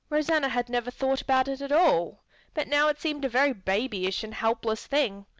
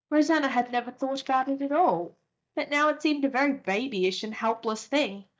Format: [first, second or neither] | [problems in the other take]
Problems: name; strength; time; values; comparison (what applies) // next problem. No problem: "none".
first | noise reduction (neural mask model DeepFilterNet 3)